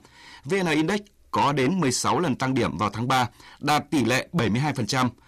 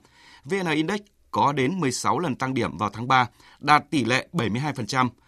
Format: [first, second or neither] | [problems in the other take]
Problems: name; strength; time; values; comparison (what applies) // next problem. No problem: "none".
second | distortion; heavy; 7 dB below the speech